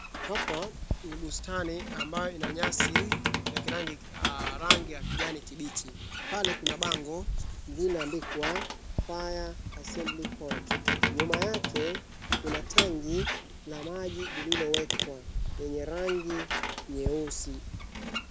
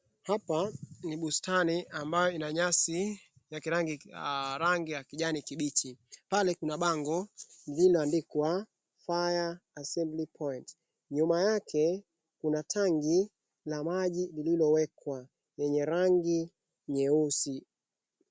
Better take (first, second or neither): second